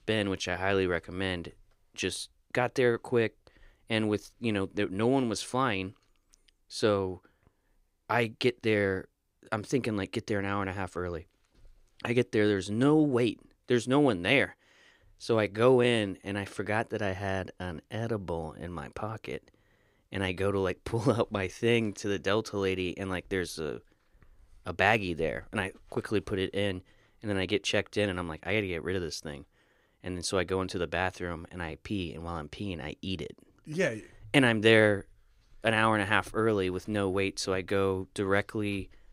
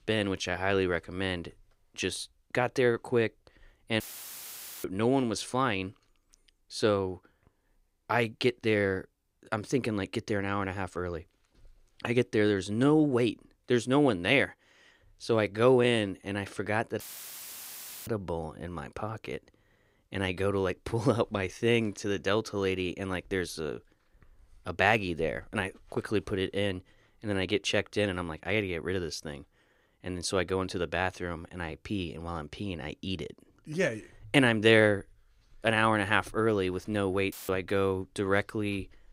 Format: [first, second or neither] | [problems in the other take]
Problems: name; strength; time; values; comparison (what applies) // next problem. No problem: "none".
first | audio cutting out; filled with static; at 4 s for 1 s, at 17 s for 1 s and at 37 s